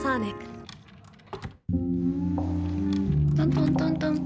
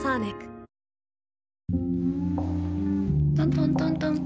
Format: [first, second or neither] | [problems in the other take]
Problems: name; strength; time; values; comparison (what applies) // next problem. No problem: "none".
second | background sound (Drawer open or close); 18 dB below the speech